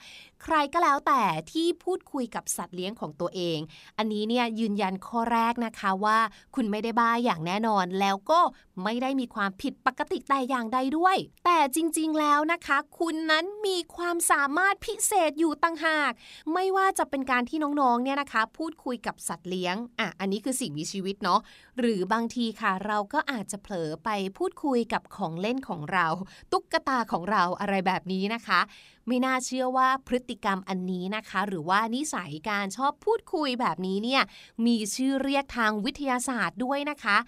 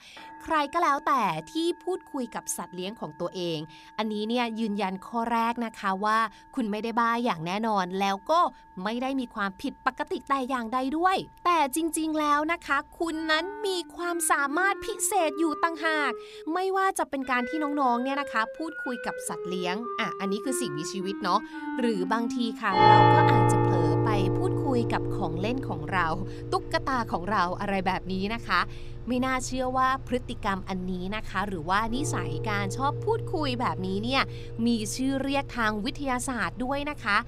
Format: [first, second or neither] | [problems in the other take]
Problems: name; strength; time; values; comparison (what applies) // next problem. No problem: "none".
first | background music; loud; throughout; 2 dB below the speech